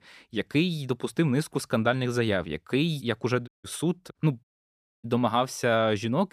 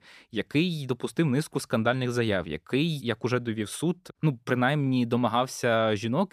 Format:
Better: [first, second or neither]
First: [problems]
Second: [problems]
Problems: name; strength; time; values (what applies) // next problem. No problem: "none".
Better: second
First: audio cutting out; at 3.5 s and at 4.5 s for 0.5 s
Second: none